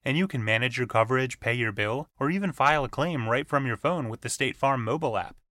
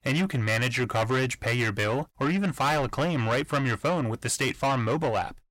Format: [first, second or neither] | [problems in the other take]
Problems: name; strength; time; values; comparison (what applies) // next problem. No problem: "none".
first | distortion; heavy; 7 dB below the speech